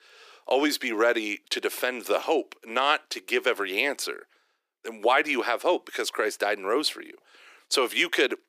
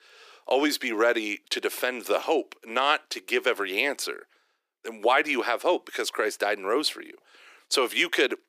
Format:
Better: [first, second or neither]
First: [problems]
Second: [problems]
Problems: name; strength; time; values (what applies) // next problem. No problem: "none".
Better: neither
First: thin; very; fading below 300 Hz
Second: thin; very; fading below 300 Hz